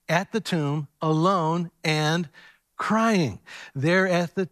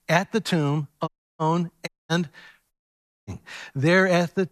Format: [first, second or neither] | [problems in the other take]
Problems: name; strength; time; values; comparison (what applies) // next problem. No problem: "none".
first | audio cutting out; at 1 s, at 2 s and at 2.5 s for 0.5 s